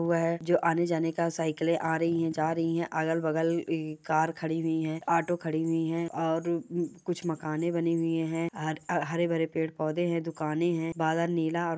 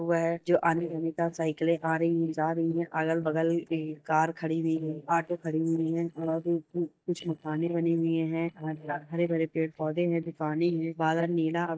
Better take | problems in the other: first | noise reduction (neural mask model DeepFilterNet 3)

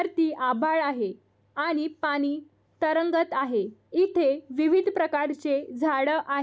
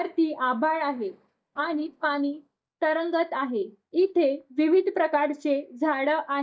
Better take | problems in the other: first | noise reduction (neural mask model DeepFilterNet 3)

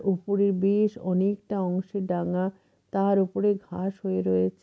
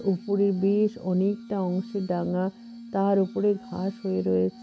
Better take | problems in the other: first | background sound (Glass); 18 dB below the speech

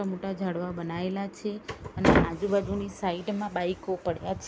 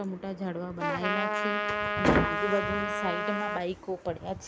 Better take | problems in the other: first | background sound (Trumpet); 1 dB above the speech

